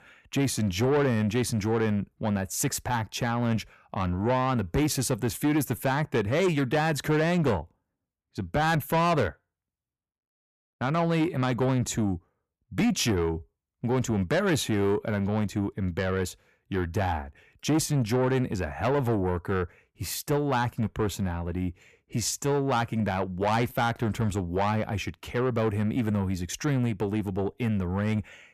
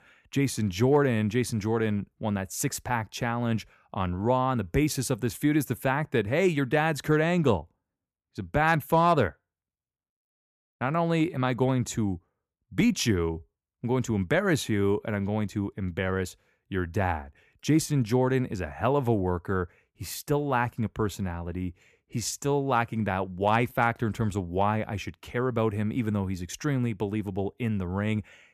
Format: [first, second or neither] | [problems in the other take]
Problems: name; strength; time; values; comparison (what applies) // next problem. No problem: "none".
second | distortion; slight; 10 dB below the speech